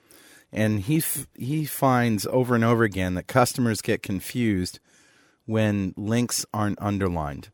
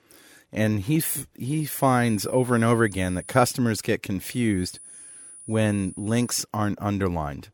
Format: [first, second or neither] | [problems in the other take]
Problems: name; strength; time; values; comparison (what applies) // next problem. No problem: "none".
first | high-pitched whine; noticeable; from 1.5 to 3.5 s and from 4.5 to 6.5 s; 10 kHz, 15 dB below the speech